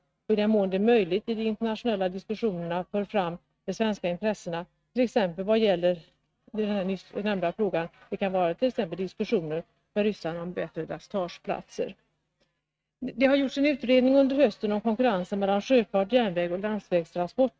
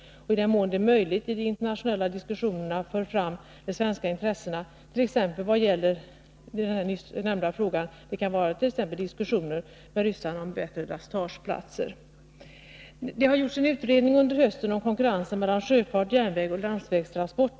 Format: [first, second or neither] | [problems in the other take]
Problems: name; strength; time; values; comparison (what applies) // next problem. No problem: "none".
second | noise reduction (neural mask model RNNoise)